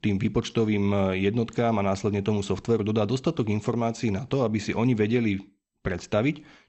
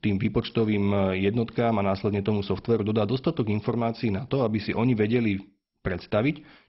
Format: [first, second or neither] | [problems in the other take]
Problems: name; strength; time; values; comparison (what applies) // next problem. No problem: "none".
first | garbled, watery; badly; nothing above 5.5 kHz; slightly in the first